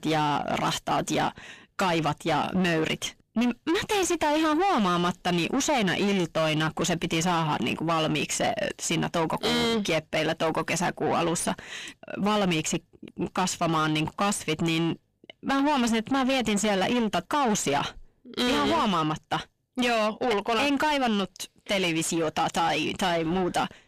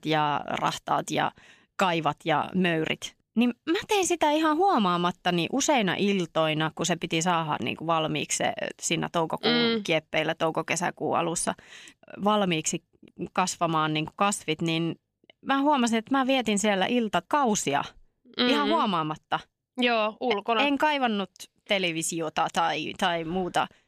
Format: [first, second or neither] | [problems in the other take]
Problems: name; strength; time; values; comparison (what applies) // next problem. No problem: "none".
second | distortion; heavy; 7 dB below the speech